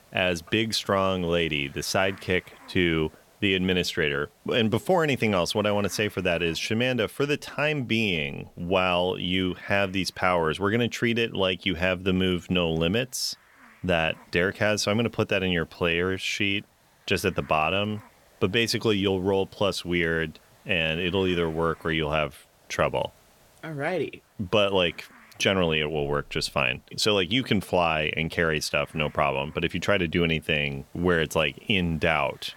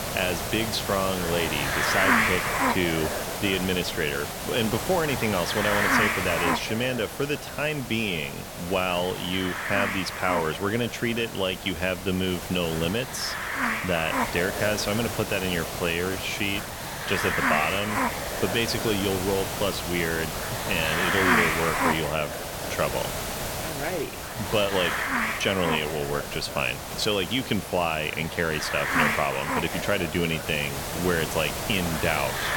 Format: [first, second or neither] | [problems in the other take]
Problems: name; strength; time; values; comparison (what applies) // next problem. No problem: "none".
first | hiss; loud; throughout; 1 dB below the speech; faint in the first